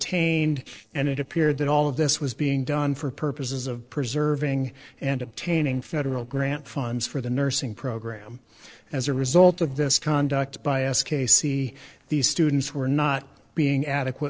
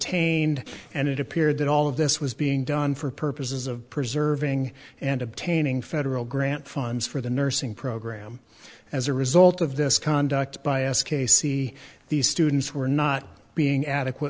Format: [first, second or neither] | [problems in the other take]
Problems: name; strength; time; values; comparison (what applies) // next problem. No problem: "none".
second | noise reduction (neural separator model SepFormer DNS4)